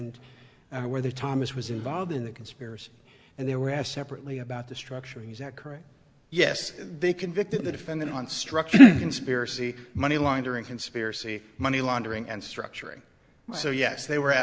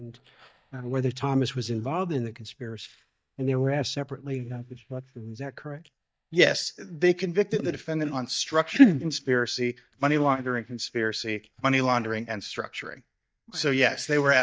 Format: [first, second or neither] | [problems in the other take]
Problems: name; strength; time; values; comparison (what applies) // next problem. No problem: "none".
first | noise reduction (neural mask model DeepFilterNet 3)